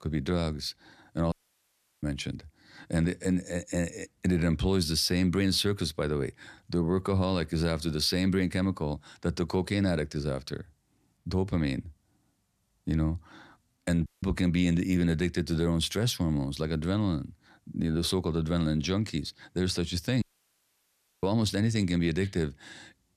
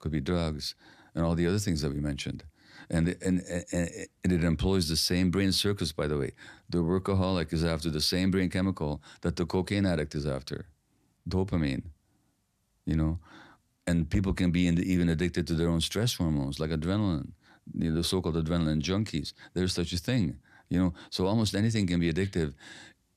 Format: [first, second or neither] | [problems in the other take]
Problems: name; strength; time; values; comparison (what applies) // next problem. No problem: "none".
second | audio cutting out; at 1.5 s for 0.5 s, at 14 s and at 20 s for 1 s